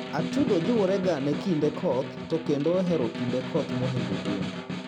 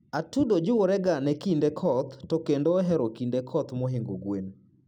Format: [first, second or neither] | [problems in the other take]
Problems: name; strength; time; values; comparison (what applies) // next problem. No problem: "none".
second | background sound (Snare drum); 6 dB below the speech